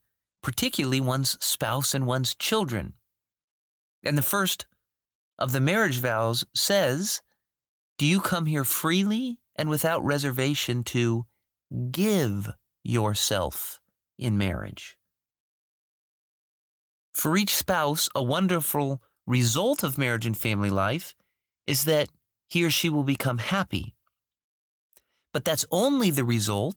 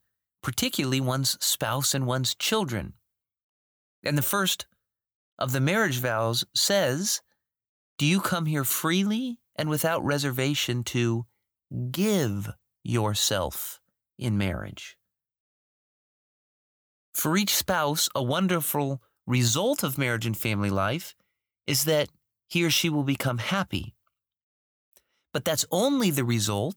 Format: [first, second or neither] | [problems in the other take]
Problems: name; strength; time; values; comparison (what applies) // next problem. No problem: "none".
second | garbled, watery; slightly; nothing above 19 kHz